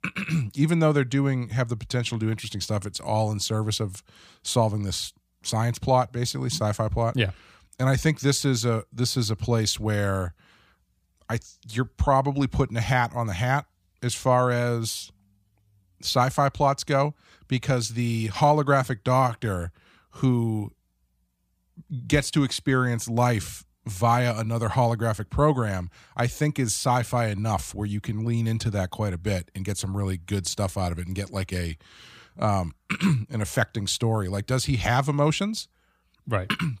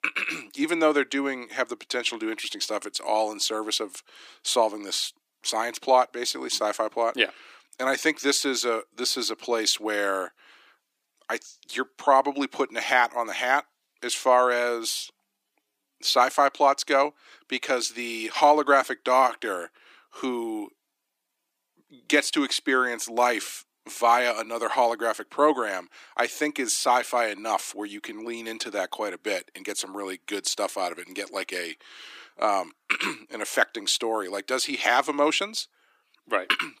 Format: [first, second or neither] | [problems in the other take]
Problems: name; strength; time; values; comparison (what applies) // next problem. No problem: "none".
first | thin; somewhat; fading below 300 Hz